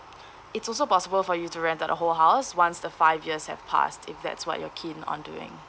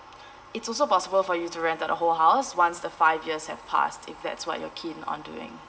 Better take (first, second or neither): first